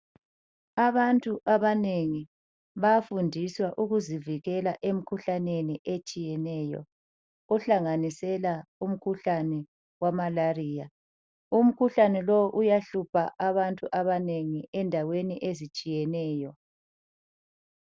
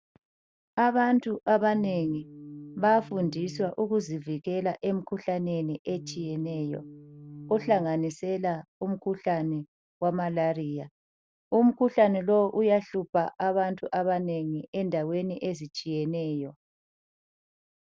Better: first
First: none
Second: background sound (Organ); 16 dB below the speech

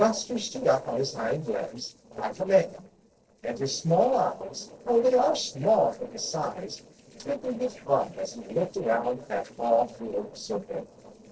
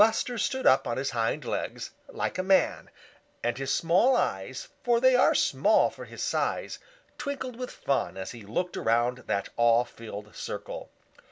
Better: second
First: noise reduction (neural separator model SepFormer DNS4)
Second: none

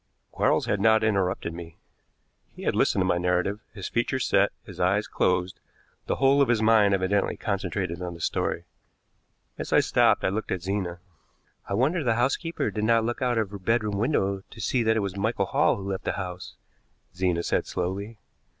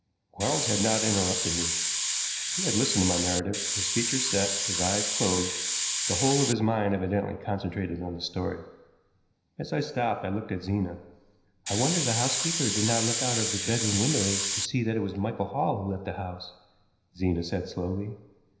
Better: first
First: none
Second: background sound (Hiss); 2 dB above the speech // room echo; dies away in 0.9 s

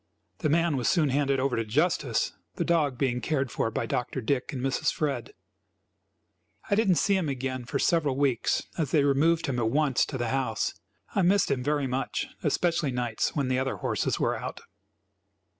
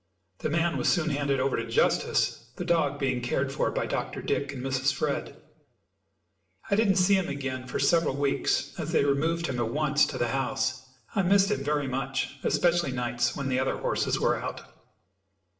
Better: first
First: none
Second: room echo; dies away in 0.6 s

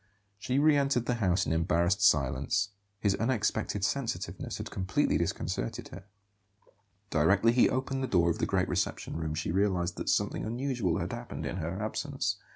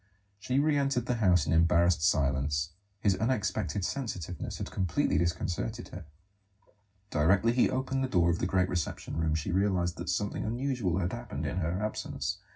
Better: first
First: none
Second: room echo; dies away in 0.4 s

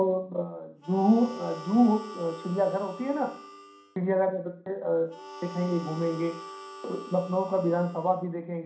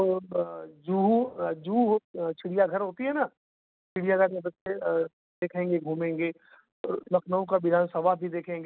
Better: second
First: background sound (Harmonica); 16 dB below the speech // room echo; dies away in 0.5 s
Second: none

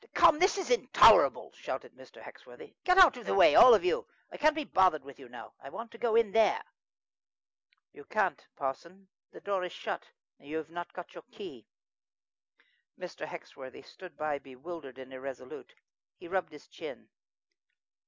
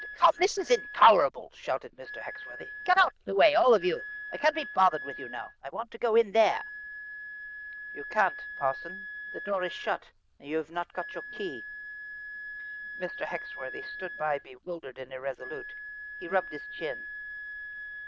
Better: first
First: none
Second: noise reduction (neural diffusion model UNIVERSE++)

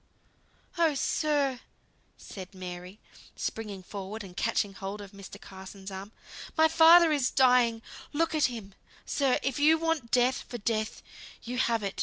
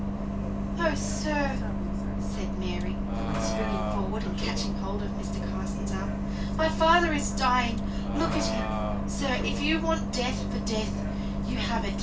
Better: first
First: none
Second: background sound (Bus); 2 dB above the speech // room echo; dies away in 0.2 s

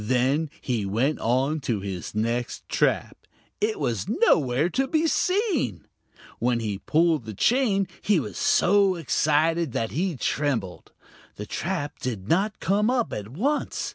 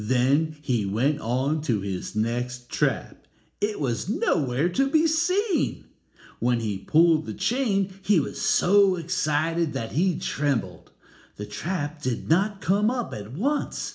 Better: first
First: none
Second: room echo; dies away in 0.4 s

